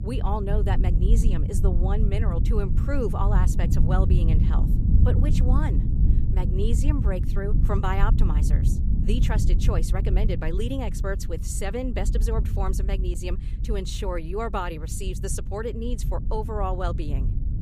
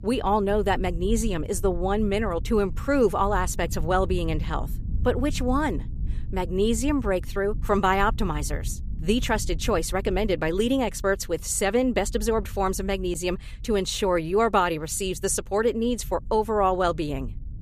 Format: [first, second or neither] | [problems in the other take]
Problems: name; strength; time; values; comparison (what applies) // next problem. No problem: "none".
second | low rumble; loud; throughout; 7 dB below the speech; faint in the second